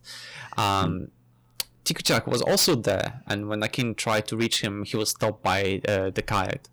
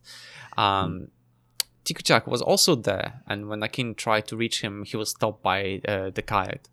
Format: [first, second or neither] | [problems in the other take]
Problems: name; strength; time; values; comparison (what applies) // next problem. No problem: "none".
second | distortion; heavy; 6% of the sound clipped